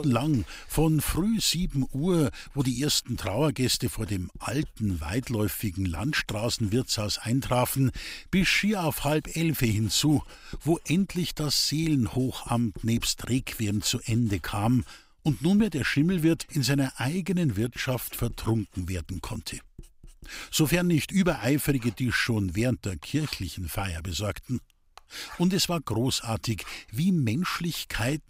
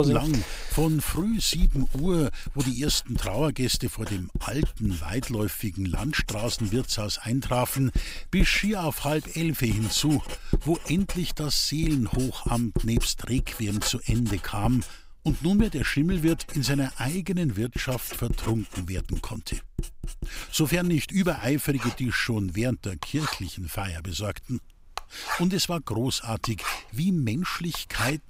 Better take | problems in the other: first | household noises; loud; throughout; 9 dB below the speech; faint in the first

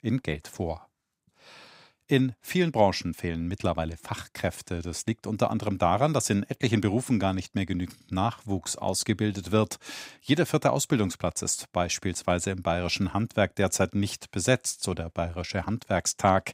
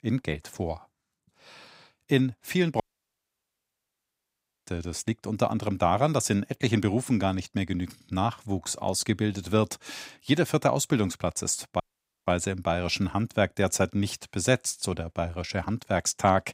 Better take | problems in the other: first | audio cutting out; at 3 s for 2 s and at 12 s

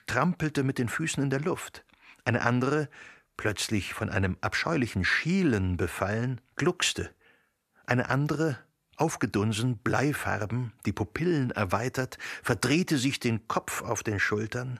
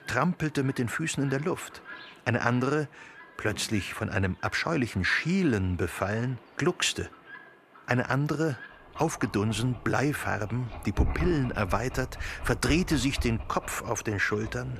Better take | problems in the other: first | animal sounds; noticeable; throughout; 15 dB below the speech

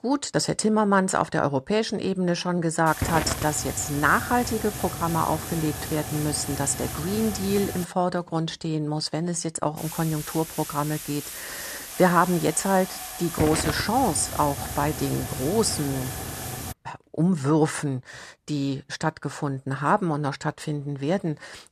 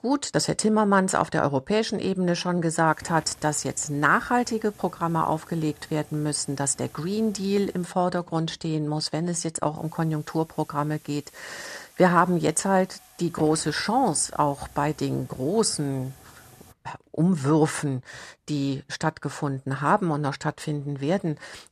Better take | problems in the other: second | hiss; loud; from 3 to 8 s and from 10 to 17 s; 7 dB below the speech; faint in the second

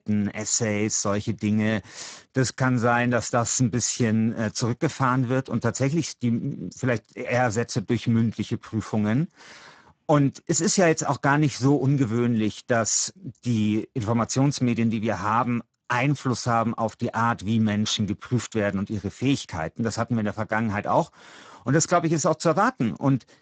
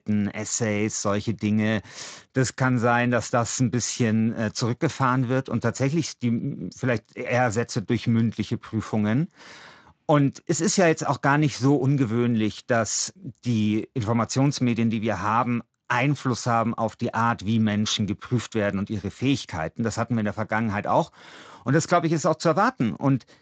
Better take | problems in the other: second | garbled, watery; badly; nothing above 7.5 kHz; slightly in the second

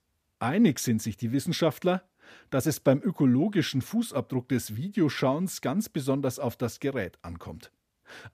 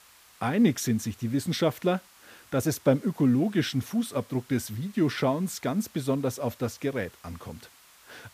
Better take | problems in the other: first | hiss; faint; throughout; 25 dB below the speech

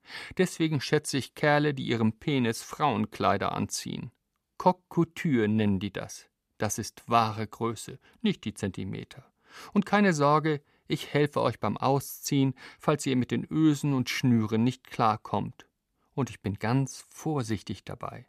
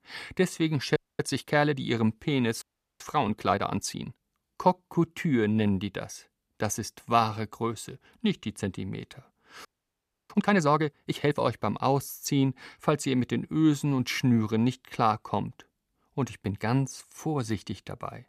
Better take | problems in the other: first | audio freezing; at 1 s, at 2.5 s and at 9.5 s for 0.5 s

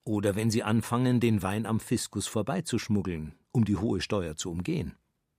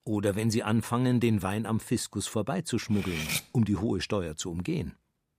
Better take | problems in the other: first | clattering dishes; noticeable; at 3 s; peak 1 dB below the speech

